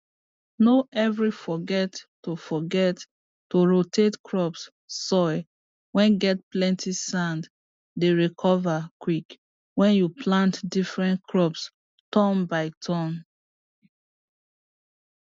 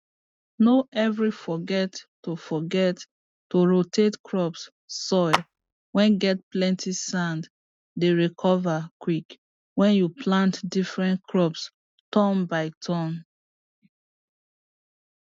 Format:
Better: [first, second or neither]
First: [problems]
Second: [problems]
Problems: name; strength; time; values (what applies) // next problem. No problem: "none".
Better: first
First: none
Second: noise reduction (neural mask model RNNoise)